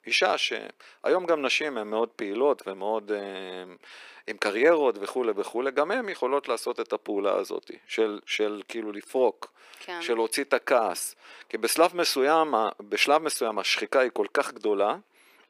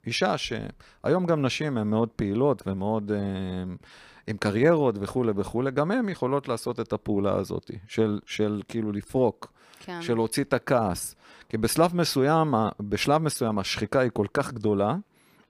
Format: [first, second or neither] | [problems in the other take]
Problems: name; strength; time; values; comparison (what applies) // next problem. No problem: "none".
second | thin; somewhat; fading below 350 Hz